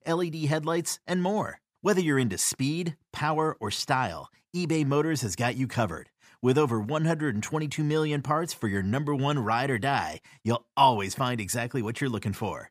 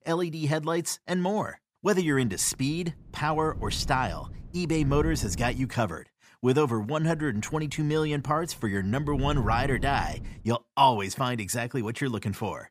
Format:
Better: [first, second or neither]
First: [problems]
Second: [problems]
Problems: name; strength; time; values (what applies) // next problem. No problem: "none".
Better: first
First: none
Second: wind noise on the microphone; occasional gusts; from 2 to 5.5 s and from 7 to 10 s; 20 dB below the speech